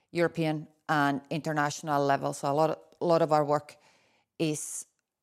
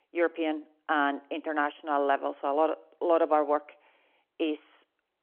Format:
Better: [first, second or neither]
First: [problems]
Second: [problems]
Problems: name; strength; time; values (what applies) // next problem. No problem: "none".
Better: first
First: none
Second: phone-call audio